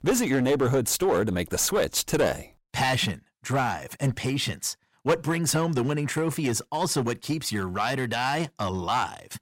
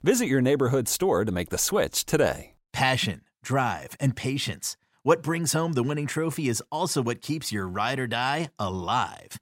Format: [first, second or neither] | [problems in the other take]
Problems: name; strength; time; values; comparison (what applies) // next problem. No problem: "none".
second | distortion; slight; 6% of the sound clipped